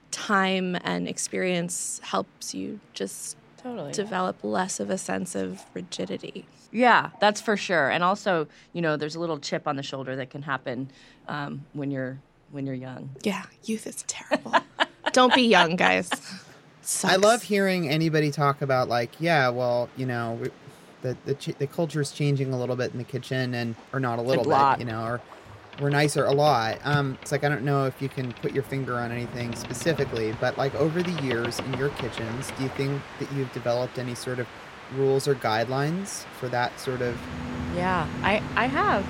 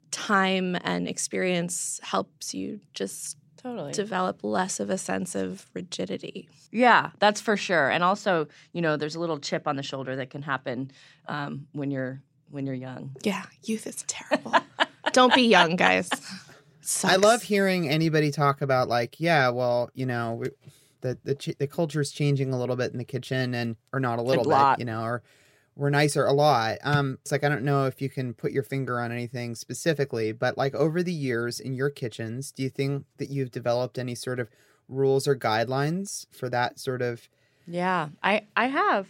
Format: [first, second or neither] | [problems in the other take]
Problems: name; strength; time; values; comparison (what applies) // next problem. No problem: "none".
second | train or aircraft noise; noticeable; throughout; 15 dB below the speech